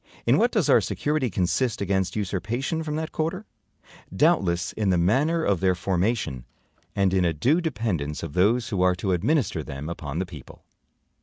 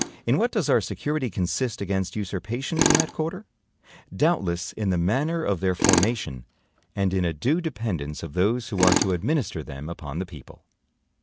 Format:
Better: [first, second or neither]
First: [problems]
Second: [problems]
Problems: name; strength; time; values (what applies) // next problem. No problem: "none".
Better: first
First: none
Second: background sound (Tools); 5 dB below the speech